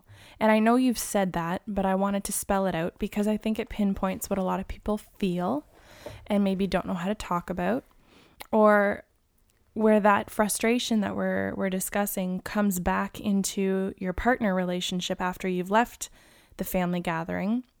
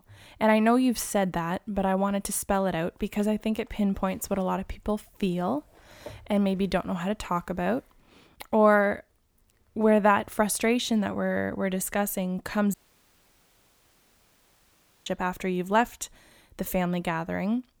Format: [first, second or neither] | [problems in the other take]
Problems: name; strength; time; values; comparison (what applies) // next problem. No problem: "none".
first | audio cutting out; at 13 s for 2.5 s